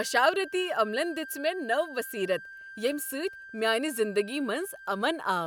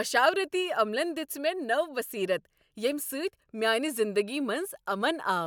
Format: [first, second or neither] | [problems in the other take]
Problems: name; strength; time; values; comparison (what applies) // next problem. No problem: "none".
second | background sound (Wind instrument, woodwind instrument); 16 dB below the speech